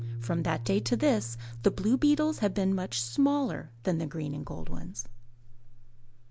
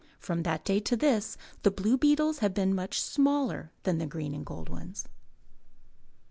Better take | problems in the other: second | background sound (Piano); 13 dB below the speech

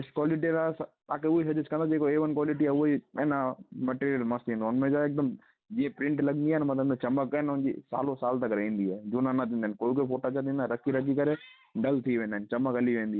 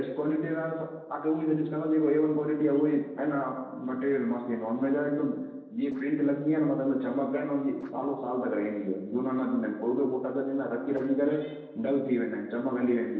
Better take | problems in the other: first | noise reduction (neural separator model SepFormer DNS4)

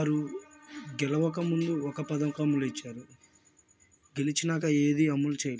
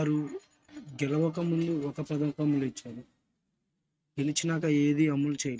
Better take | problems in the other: first | noise reduction (neural mask model RNNoise)

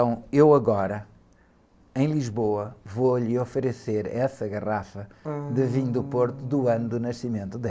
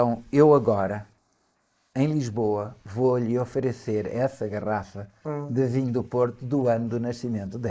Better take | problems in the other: first | noise reduction (neural mask model Resemble Enhance denoiser)

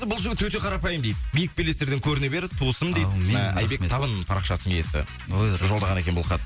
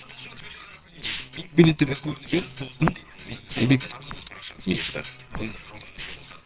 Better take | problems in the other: first | noise reduction (neural separator model SepFormer WHAMR!)

